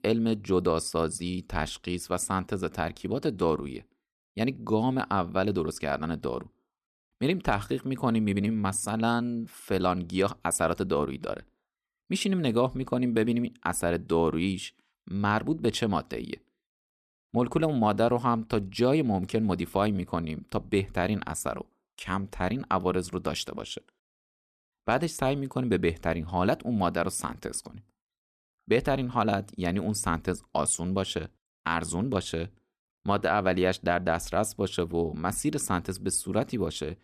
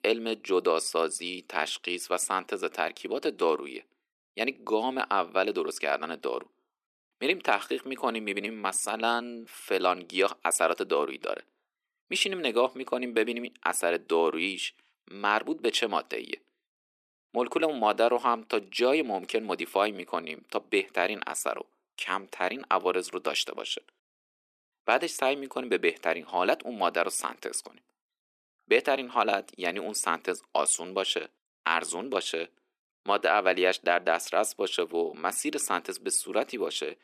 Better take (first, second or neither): first